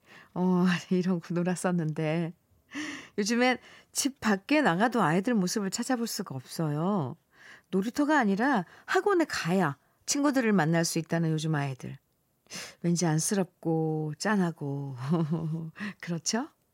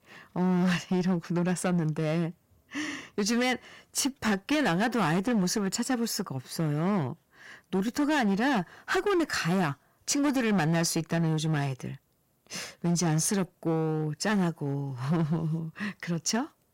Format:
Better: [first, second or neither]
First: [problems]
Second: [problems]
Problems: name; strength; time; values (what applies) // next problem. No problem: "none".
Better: first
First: none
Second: distortion; slight; 12% of the sound clipped